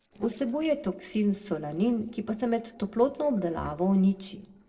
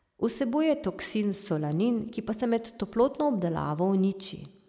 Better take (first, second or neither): second